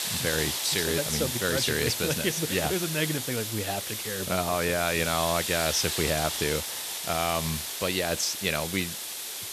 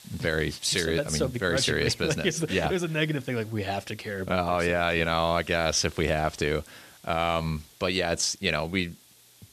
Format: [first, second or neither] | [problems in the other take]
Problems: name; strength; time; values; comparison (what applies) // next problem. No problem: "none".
second | hiss; loud; throughout; 2 dB below the speech; faint in the second